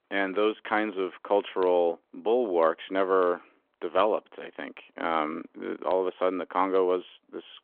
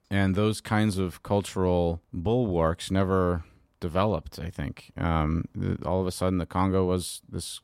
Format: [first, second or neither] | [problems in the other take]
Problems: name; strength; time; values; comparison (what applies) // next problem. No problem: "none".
second | phone-call audio